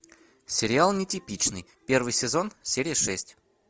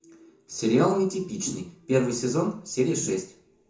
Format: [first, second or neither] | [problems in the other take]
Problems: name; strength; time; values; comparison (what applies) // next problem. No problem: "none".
first | room echo; dies away in 0.6 s